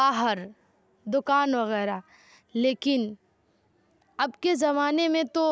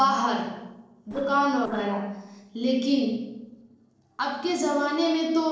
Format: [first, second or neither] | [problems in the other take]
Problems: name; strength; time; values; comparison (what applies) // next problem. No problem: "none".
first | noise reduction (neural separator model SepFormer DNS4)